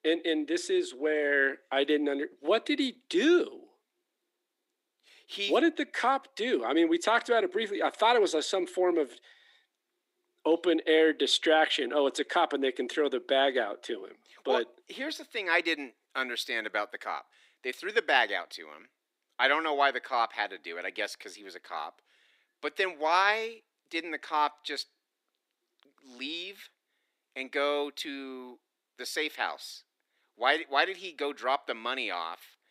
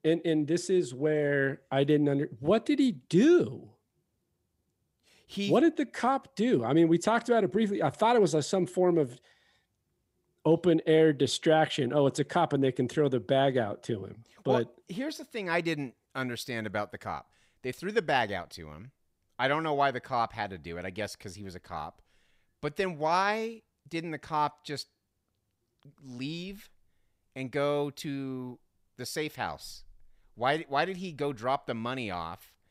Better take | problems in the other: second | thin; somewhat; fading below 300 Hz

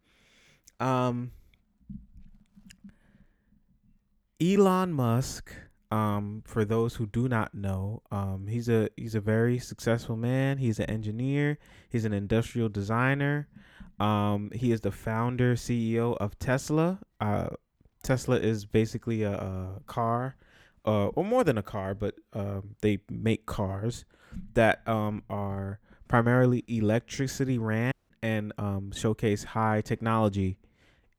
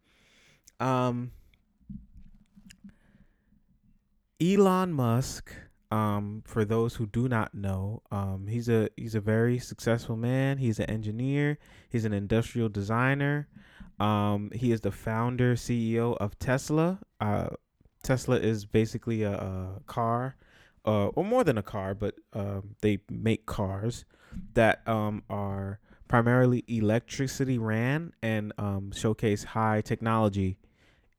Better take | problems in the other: second | audio cutting out; at 28 s

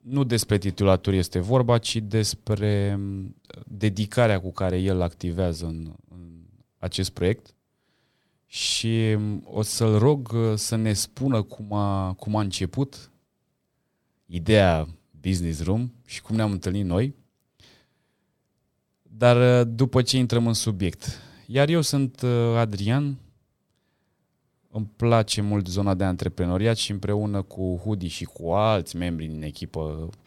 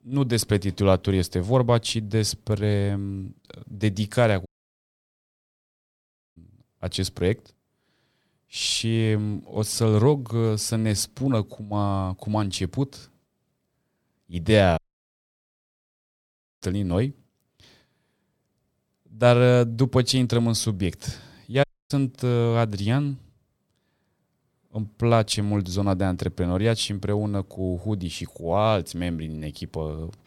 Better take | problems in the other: first | audio cutting out; at 4.5 s for 2 s, at 15 s for 2 s and at 22 s

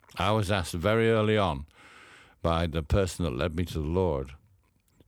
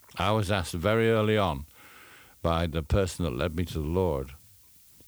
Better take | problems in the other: first | hiss; faint; throughout; 25 dB below the speech

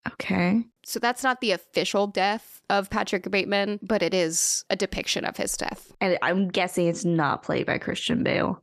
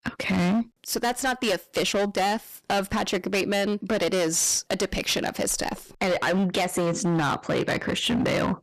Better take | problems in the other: first | distortion; heavy; 19% of the sound clipped

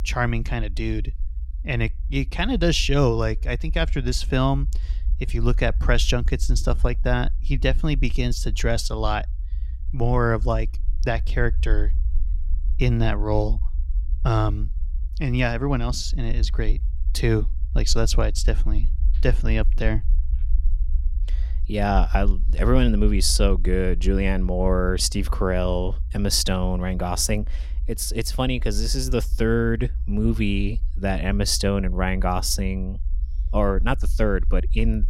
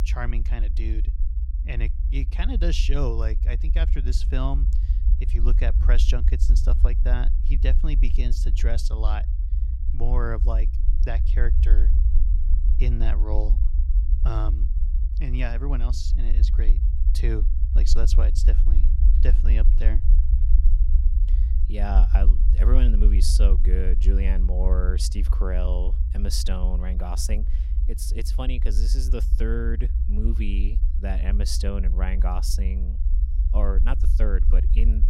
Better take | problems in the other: first | low rumble; loud; throughout; 9 dB below the speech; faint in the first

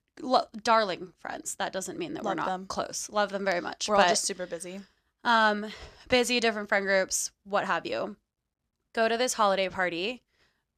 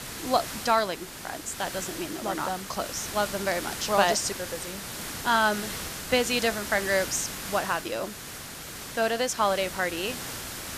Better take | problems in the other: first | hiss; loud; throughout; 8 dB below the speech

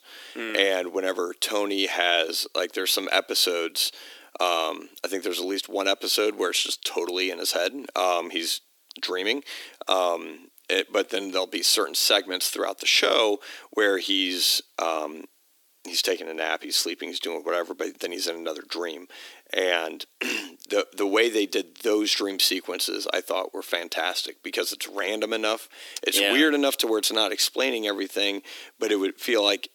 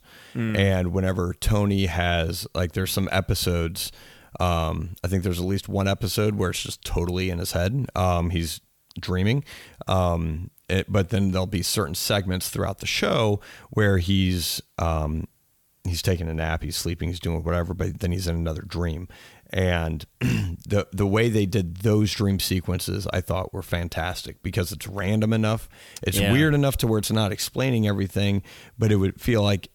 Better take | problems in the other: second | thin; very; fading below 300 Hz

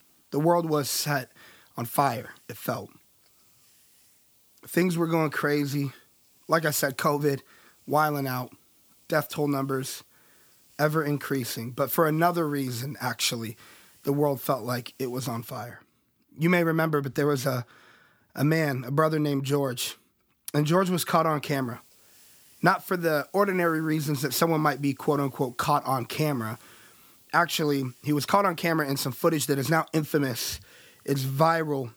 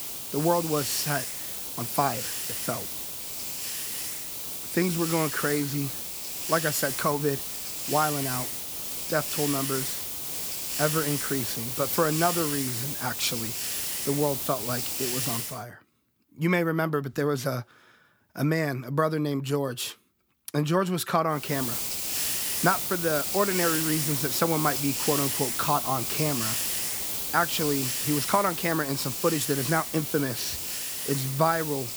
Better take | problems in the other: first | hiss; loud; until 15 s and from 21 s on; 1 dB below the speech; faint in the first

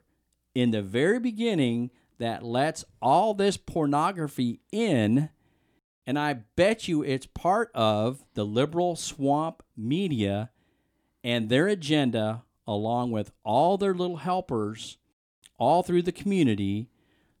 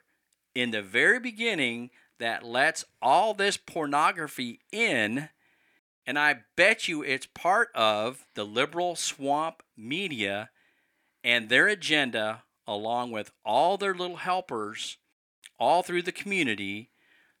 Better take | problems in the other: first | thin; somewhat; fading below 900 Hz

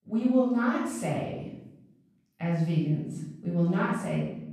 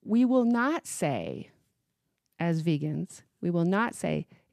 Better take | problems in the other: second | room echo; noticeable; dies away in 0.8 s // off-mic speech; far

